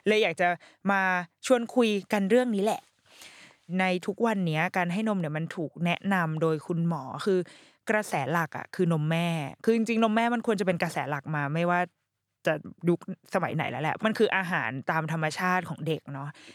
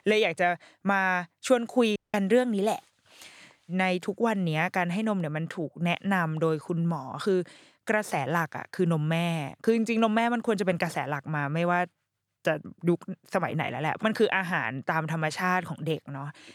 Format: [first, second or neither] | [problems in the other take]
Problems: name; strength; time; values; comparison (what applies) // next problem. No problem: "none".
first | audio cutting out; at 2 s